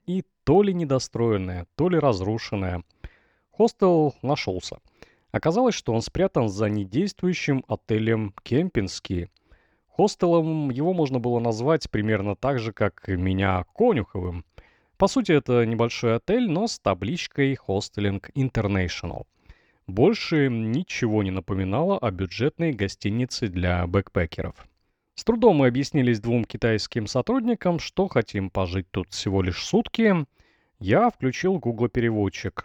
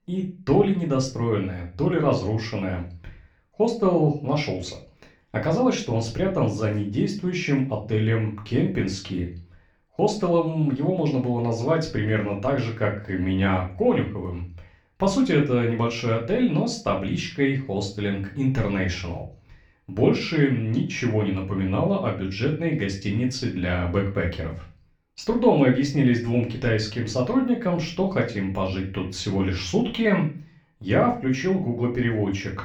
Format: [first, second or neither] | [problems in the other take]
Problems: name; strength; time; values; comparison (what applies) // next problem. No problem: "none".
first | room echo; slight; dies away in 0.3 s // off-mic speech; far